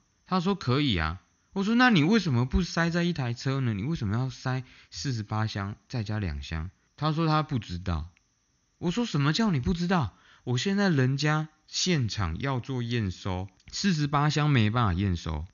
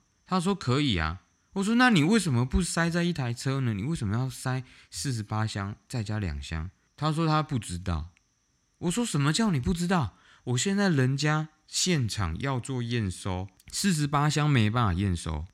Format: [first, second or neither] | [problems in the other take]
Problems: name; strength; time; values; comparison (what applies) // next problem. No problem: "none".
second | garbled, watery; slightly; nothing above 6.5 kHz